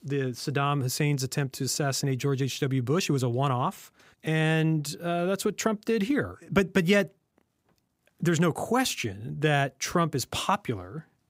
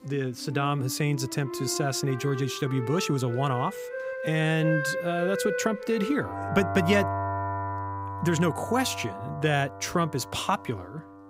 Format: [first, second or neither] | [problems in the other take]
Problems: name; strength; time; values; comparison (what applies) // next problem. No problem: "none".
first | background music; loud; throughout; 6 dB below the speech